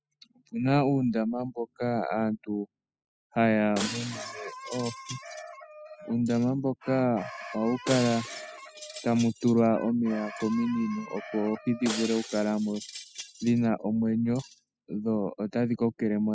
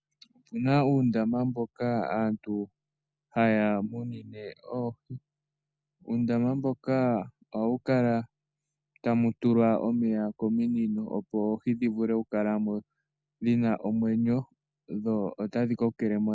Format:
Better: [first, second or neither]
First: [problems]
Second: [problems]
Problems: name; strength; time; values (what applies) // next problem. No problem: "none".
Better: second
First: noise reduction (classical method spectral subtraction)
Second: none